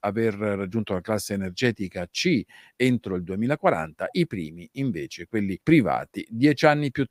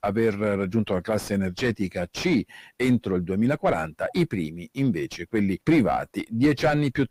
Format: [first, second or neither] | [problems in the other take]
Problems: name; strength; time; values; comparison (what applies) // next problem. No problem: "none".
first | distortion; heavy; 7 dB below the speech